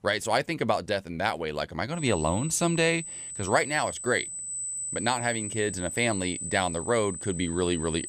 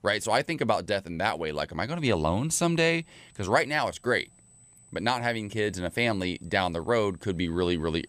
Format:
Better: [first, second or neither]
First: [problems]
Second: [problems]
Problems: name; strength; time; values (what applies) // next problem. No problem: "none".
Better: second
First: high-pitched whine; loud; from 2 s on; 8 kHz, 6 dB below the speech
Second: high-pitched whine; faint; from 2 s on; 8 kHz, 30 dB below the speech